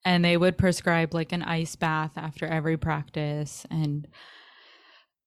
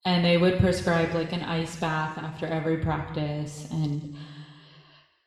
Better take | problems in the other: first | room echo; noticeable; dies away in 1.6 s // off-mic speech; somewhat distant

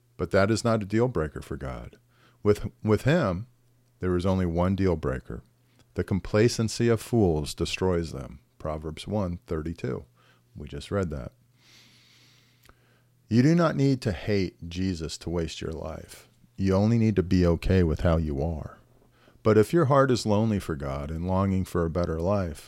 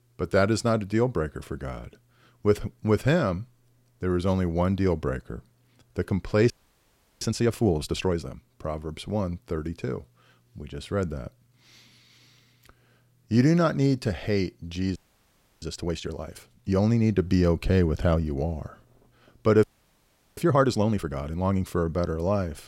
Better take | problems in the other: first | audio freezing; at 6.5 s for 0.5 s, at 15 s for 0.5 s and at 20 s for 0.5 s

